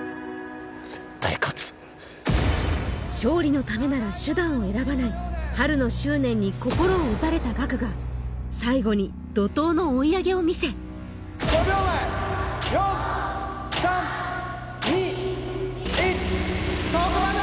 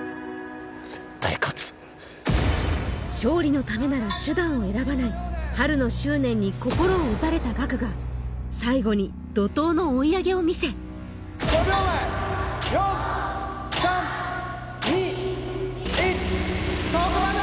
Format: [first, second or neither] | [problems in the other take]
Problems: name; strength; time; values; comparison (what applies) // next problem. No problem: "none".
first | background sound (Percussion); 17 dB below the speech